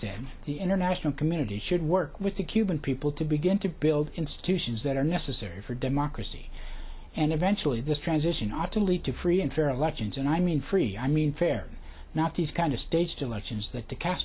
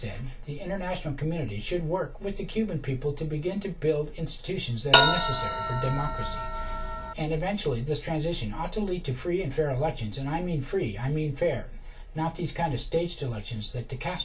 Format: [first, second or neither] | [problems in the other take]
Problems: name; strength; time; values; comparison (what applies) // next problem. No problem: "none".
first | background sound (Bell); 3 dB above the speech // room echo; dies away in 0.2 s